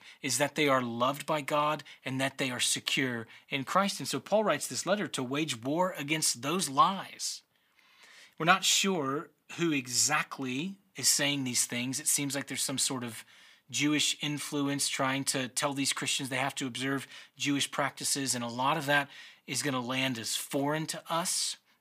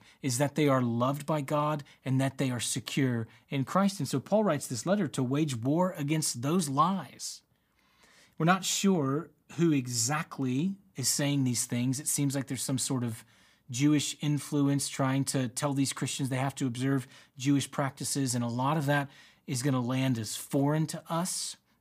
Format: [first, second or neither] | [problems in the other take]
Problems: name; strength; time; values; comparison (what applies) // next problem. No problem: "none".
second | thin; very slightly; fading below 950 Hz